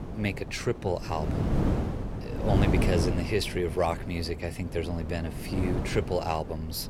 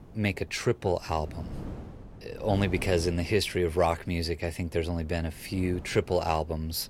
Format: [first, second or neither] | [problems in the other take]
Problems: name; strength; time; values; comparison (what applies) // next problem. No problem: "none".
second | wind noise on the microphone; heavy; 6 dB below the speech; occasional gusts in the second